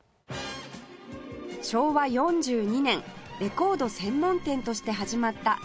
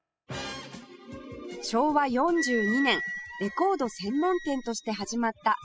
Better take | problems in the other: first | noise reduction (classical method spectral subtraction)

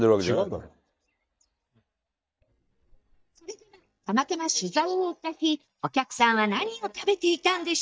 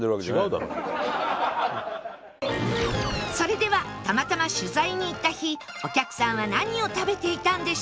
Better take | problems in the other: second | noise reduction (neural mask model DeepFilterNet 3)

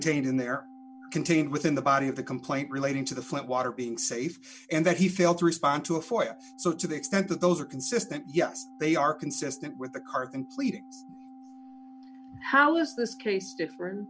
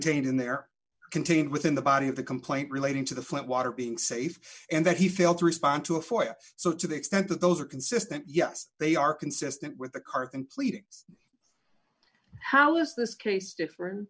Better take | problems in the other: second | background sound (Organ); 20 dB below the speech

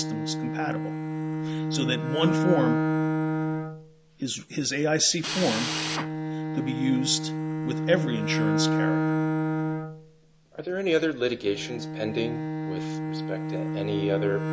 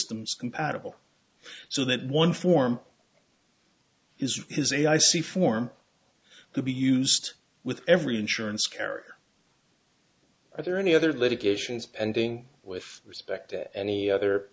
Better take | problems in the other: second | background sound (Drill + Bowed string instrument); 1 dB above the speech

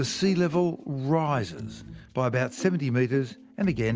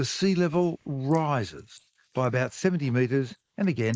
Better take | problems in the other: first | noise reduction (neural mask model Resemble Enhance denoiser)

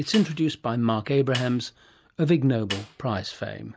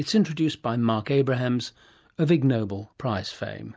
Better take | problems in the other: second | background sound (Snare drum); 15 dB below the speech

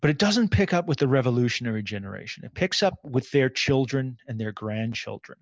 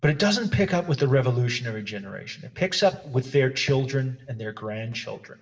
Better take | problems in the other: first | room echo; dies away in 0.7 s

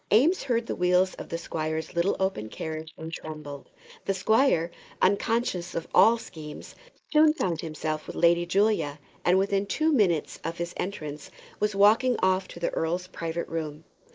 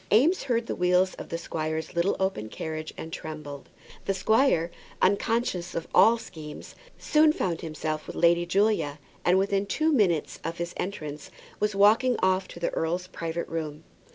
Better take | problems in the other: second | noise reduction (neural mask model Resemble Enhance denoiser)

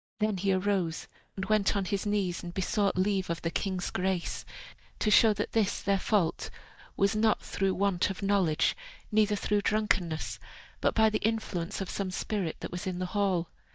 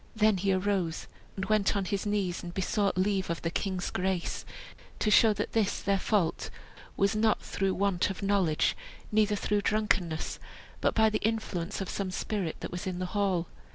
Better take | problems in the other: second | noise reduction (neural mask model DeepFilterNet 3)

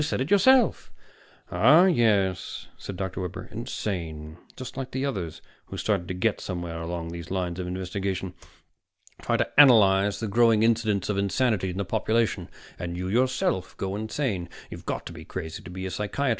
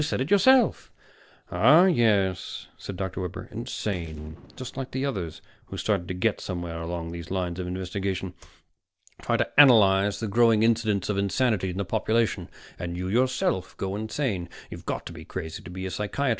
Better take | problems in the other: first | noise reduction (neural separator model SepFormer DNS4)

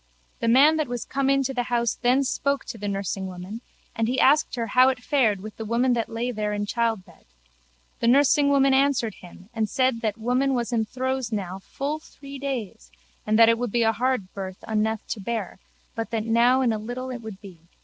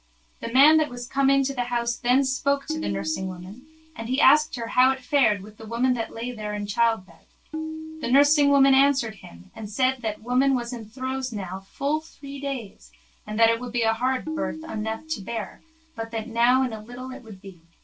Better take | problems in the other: first | background sound (Tabla); 12 dB below the speech // room echo; dies away in 0.2 s

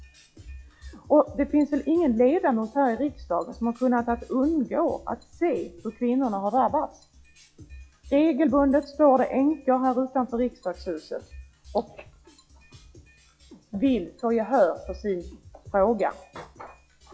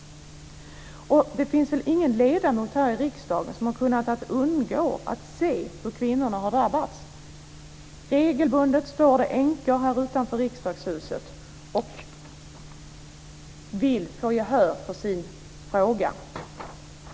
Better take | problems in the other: second | noise reduction (classical method log-MMSE)

